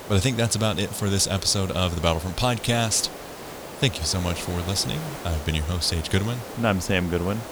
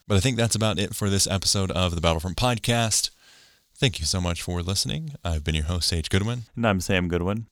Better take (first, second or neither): second